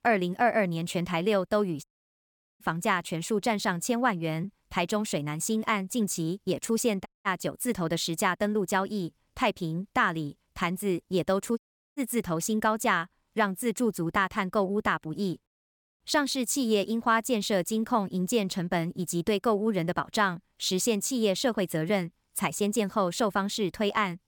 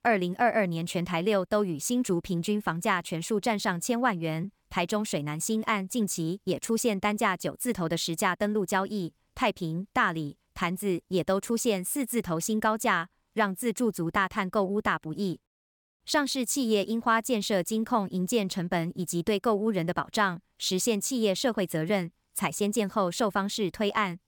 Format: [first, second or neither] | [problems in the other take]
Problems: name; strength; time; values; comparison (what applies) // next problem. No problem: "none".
second | audio cutting out; at 2 s for 1 s, at 7 s and at 12 s